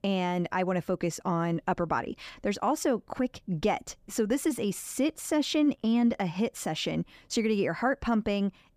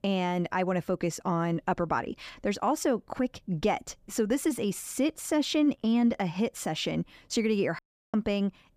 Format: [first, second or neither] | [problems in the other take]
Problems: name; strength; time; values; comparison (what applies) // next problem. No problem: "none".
first | audio cutting out; at 8 s